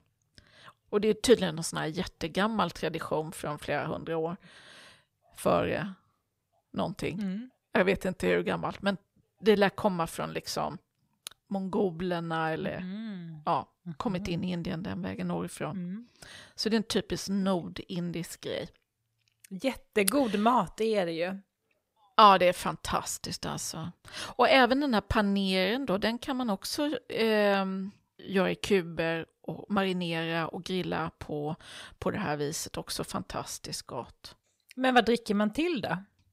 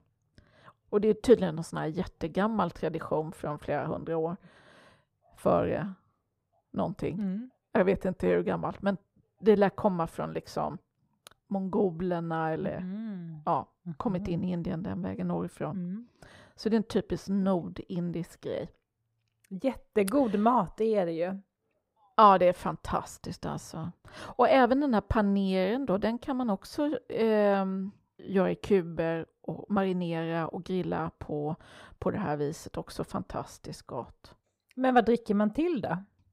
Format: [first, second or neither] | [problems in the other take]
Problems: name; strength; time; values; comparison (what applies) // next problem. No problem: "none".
first | muffled; slightly; fading above 1.5 kHz